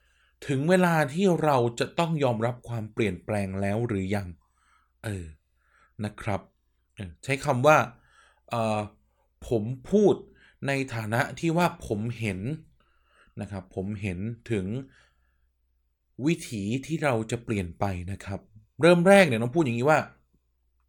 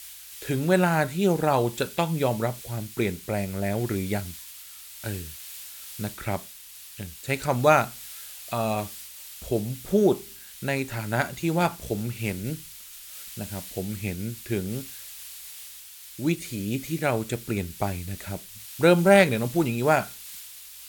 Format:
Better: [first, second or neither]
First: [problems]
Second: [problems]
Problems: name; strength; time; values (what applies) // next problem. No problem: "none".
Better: first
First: none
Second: hiss; noticeable; throughout; 15 dB below the speech